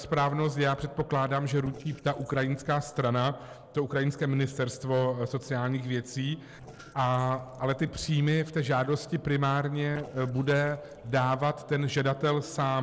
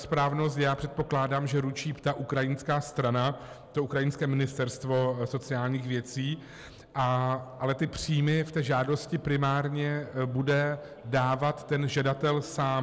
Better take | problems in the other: second | noise reduction (neural separator model SepFormer DNS4)

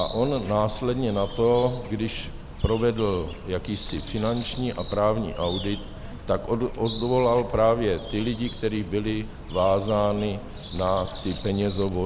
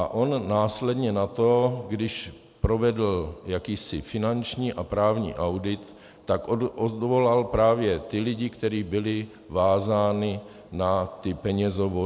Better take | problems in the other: second | background sound (Bird); 11 dB below the speech

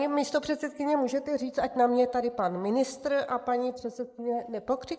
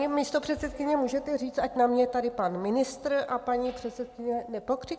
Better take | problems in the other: second | noise reduction (neural mask model Resemble Enhance denoiser)

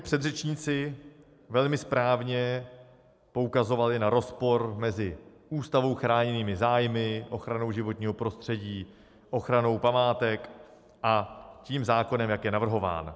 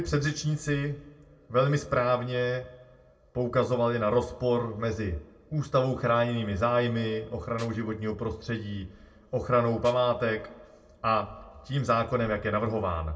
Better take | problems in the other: first | background sound (Tools); 20 dB below the speech // room echo; dies away in 0.2 s

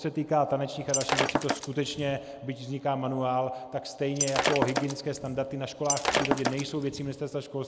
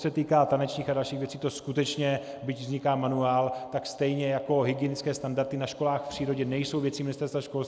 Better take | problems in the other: second | background sound (Shatter); 1 dB below the speech

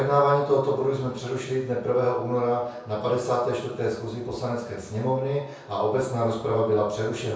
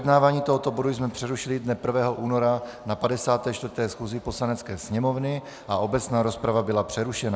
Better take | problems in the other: second | room echo; dies away in 0.6 s

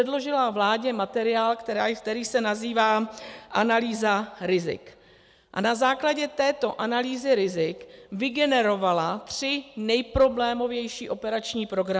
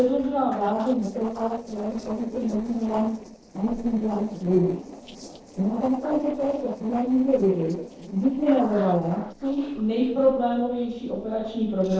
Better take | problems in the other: first | noise reduction (neural separator model SepFormer DNS4)

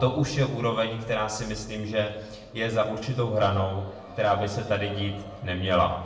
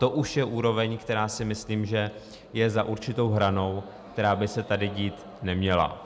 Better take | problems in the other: second | room echo; dies away in 0.8 s

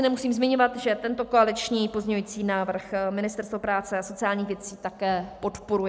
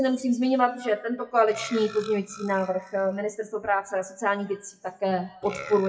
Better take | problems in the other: first | noise reduction (classical method WPE with log-MMSE)

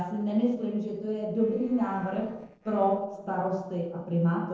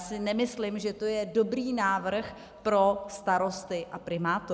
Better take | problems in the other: second | noise reduction (neural separator model SepFormer DNS4)

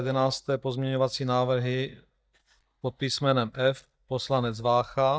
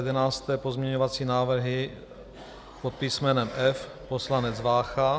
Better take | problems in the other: second | noise reduction (neural mask model DeepFilterNet 3)

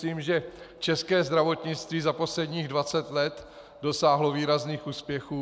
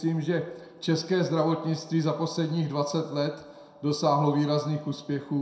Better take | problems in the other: first | room echo; dies away in 0.6 s

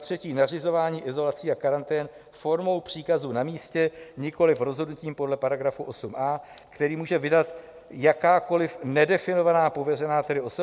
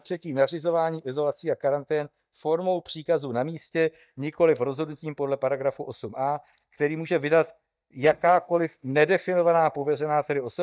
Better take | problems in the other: first | noise reduction (neural mask model DeepFilterNet 3)

